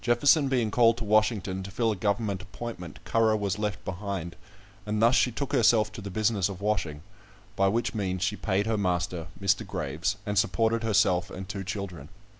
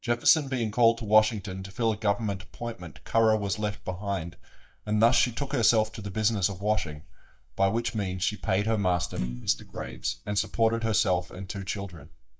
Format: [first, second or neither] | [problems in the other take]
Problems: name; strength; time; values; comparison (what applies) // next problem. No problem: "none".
first | noise reduction (neural mask model DeepFilterNet 3)